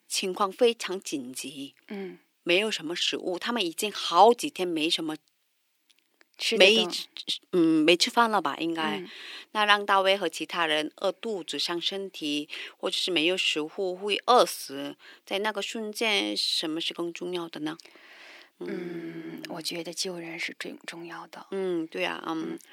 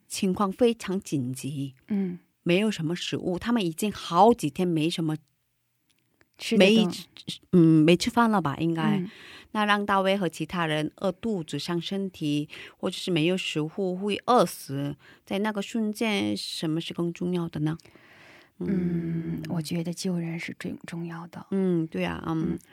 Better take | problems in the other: second | thin; somewhat; fading below 350 Hz

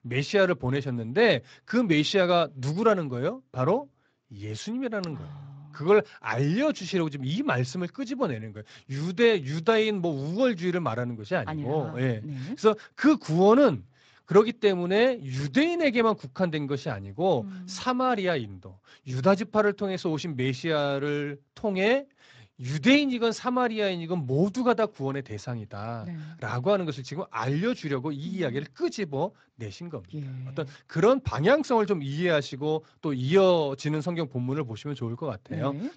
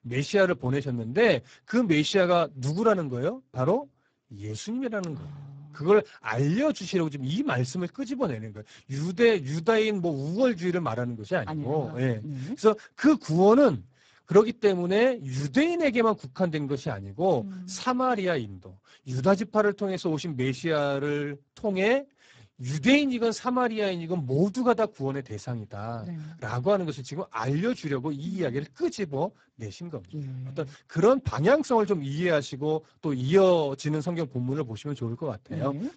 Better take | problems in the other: first | garbled, watery; badly; nothing above 7.5 kHz; slightly in the first

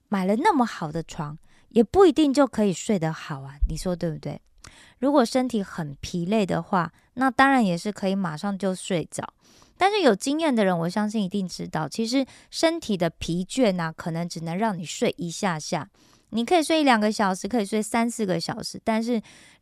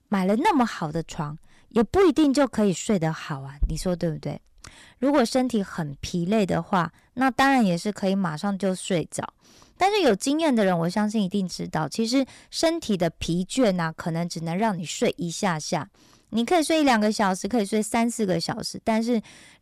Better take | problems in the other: first | distortion; slight; 3% of the sound clipped

